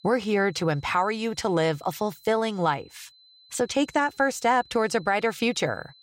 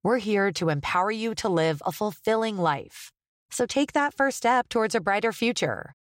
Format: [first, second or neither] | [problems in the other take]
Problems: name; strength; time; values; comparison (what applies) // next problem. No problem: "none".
second | high-pitched whine; faint; throughout; 4 kHz, 30 dB below the speech